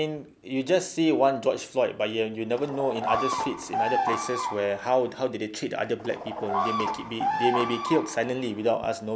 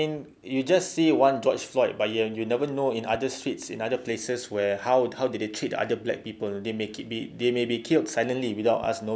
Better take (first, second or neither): second